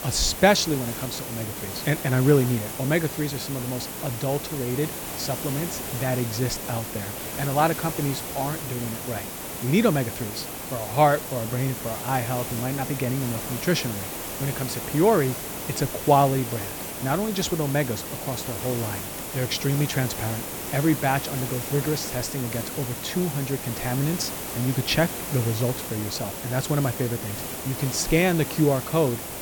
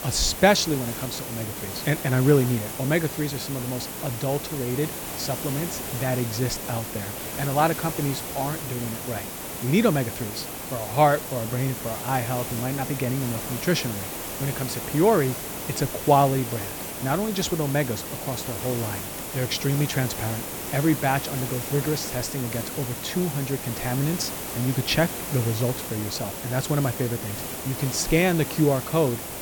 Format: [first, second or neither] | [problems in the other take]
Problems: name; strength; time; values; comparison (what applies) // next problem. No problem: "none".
neither | hiss; loud; throughout; 5 dB below the speech; the same in both